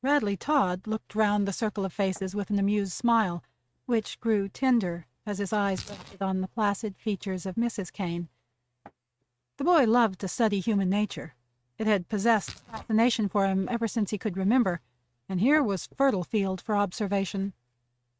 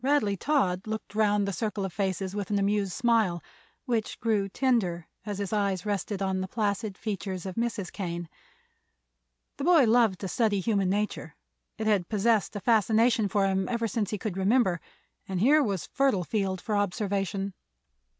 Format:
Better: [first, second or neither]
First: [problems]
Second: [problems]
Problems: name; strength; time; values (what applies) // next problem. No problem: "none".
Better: second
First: noise reduction (neural mask model RNNoise)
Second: none